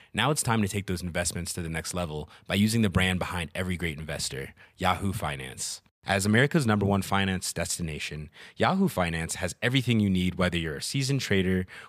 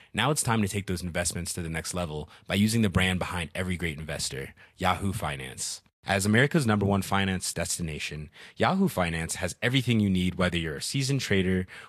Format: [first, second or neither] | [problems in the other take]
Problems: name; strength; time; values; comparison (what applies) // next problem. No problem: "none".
first | garbled, watery; slightly; nothing above 12.5 kHz